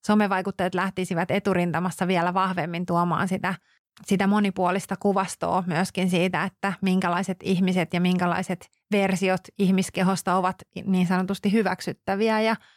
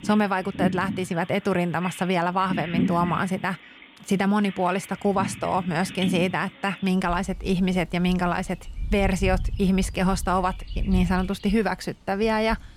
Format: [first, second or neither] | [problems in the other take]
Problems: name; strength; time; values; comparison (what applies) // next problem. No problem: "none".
first | animal sounds; loud; throughout; 9 dB below the speech